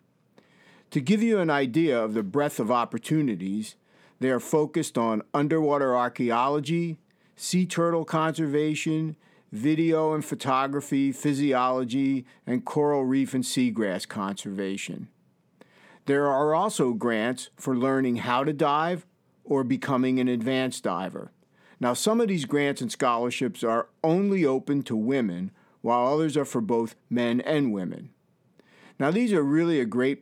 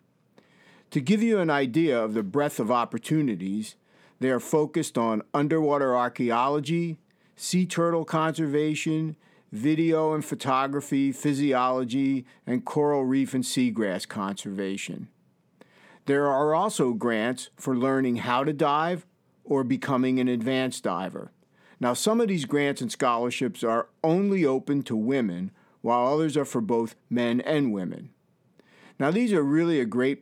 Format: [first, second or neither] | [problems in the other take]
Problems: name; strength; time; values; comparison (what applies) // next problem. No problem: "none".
neither | none